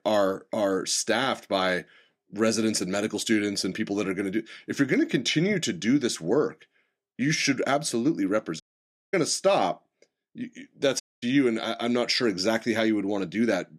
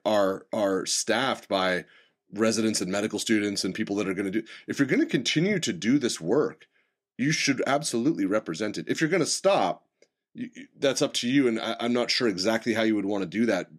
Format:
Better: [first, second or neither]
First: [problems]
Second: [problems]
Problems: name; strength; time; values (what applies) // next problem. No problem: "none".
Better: second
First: audio cutting out; at 8.5 s for 0.5 s and at 11 s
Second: none